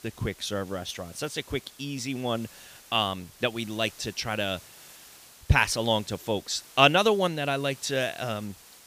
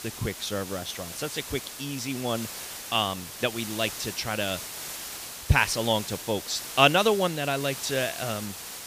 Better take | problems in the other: first | hiss; loud; throughout; 9 dB below the speech; faint in the first

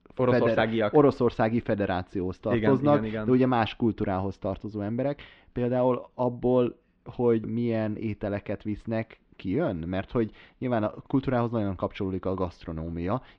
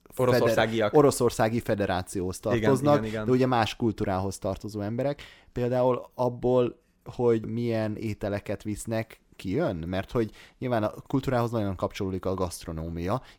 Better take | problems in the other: second | muffled; slightly; fading above 3.5 kHz

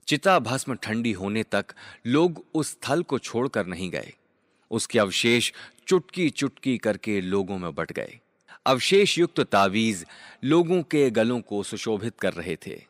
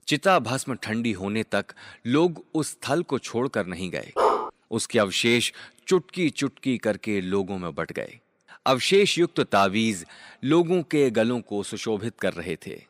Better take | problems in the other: first | dog barking; loud; at 4 s; peak 2 dB above the speech

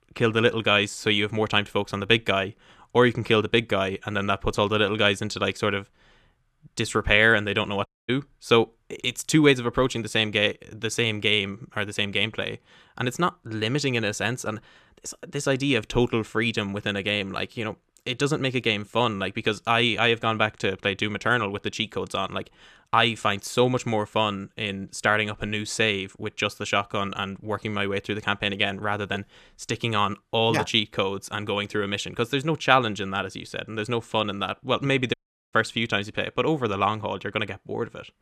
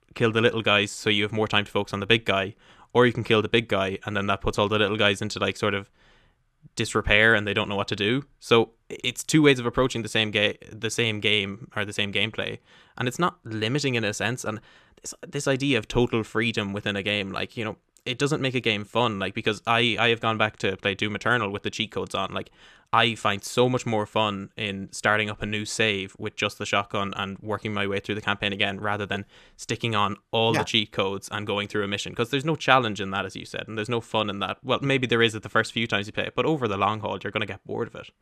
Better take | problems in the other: second | audio cutting out; at 8 s and at 35 s

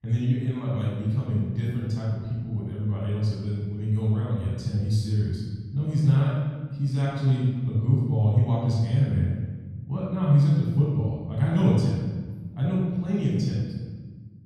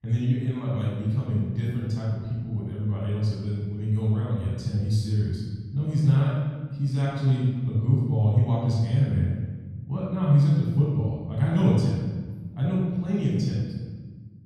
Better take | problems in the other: neither | room echo; strong; dies away in 1.3 s; the same in both // off-mic speech; far; the same in both

